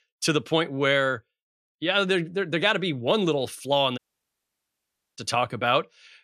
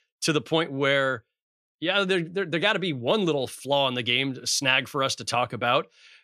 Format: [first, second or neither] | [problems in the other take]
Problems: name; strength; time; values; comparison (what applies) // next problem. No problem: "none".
second | audio cutting out; at 4 s for 1 s